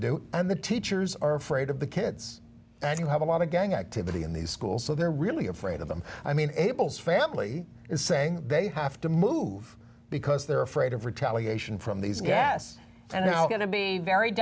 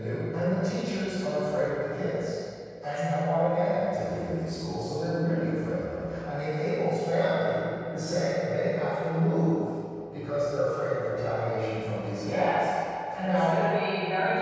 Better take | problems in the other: first | room echo; dies away in 2.2 s

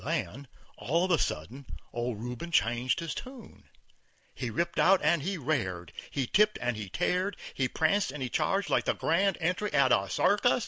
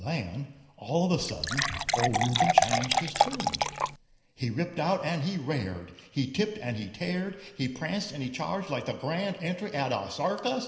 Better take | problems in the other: first | background sound (Fill (with liquid) / Water); 4 dB above the speech // room echo; dies away in 0.9 s

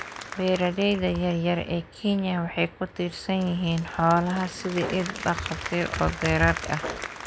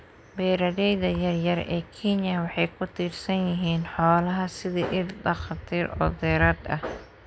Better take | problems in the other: second | background sound (Applause / Crowd); 13 dB below the speech

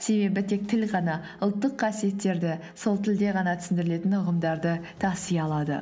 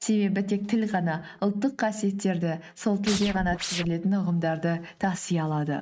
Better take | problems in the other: first | noise reduction (neural mask model RNNoise)

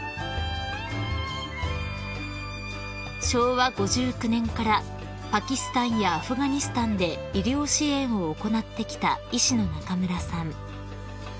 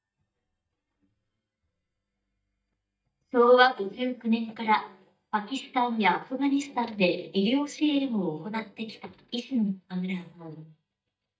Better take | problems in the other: first | noise reduction (neural mask model DeepFilterNet 3)

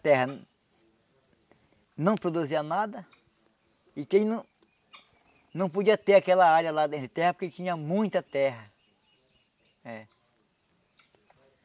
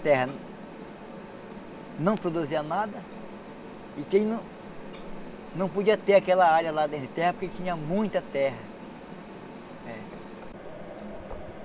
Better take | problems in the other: first | background sound (Mechanisms); 12 dB below the speech

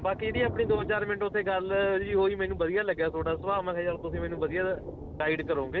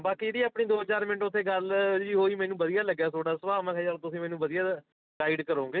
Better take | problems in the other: second | background sound (Thunder); 11 dB below the speech

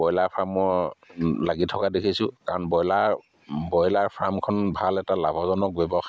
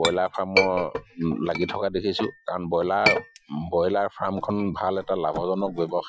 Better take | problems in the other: first | noise reduction (classical method Wiener filter)

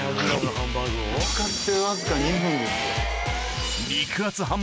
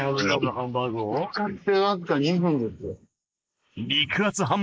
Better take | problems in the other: first | noise reduction (neural mask model Resemble Enhance denoiser)

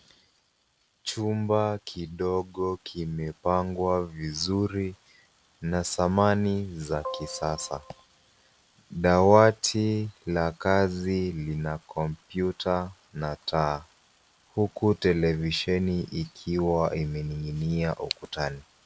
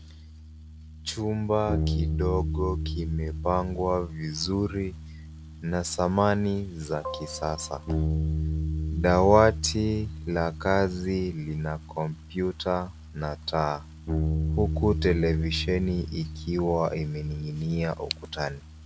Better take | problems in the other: first | background sound (Bass guitar); 5 dB below the speech

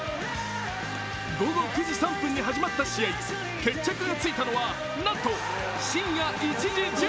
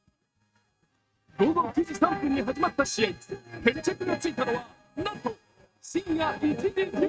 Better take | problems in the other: first | noise reduction (neural mask model RNNoise)

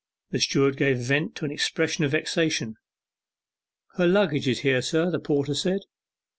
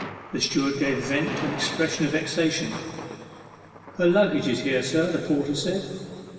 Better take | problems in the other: first | background sound (Thunder); 14 dB below the speech // room echo; dies away in 2.5 s

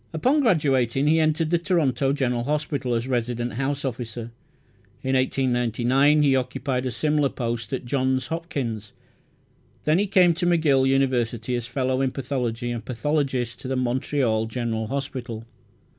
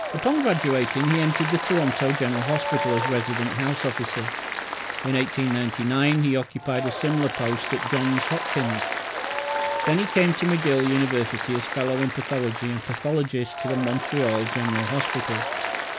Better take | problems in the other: first | background sound (Applause); 4 dB below the speech

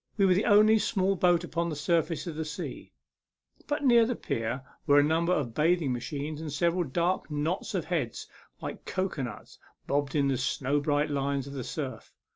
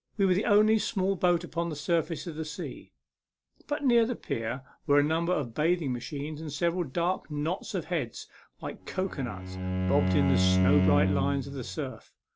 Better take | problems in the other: first | background sound (Bowed string instrument); 1 dB above the speech

